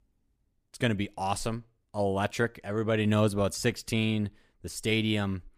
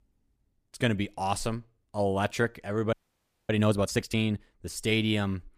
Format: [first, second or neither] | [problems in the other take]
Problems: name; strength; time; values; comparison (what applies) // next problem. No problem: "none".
first | audio freezing; at 3 s for 0.5 s